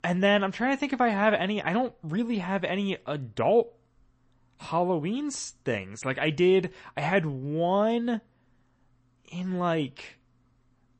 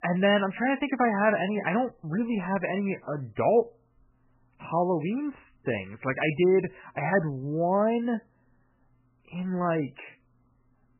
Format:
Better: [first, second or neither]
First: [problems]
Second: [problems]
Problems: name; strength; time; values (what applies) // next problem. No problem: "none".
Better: first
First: garbled, watery; slightly; nothing above 8 kHz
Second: garbled, watery; badly; nothing above 3 kHz